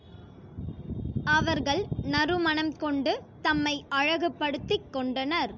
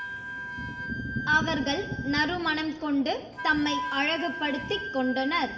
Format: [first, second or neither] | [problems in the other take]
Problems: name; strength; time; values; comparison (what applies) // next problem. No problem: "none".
first | background sound (Wind instrument, woodwind instrument); 9 dB below the speech // room echo; dies away in 1.5 s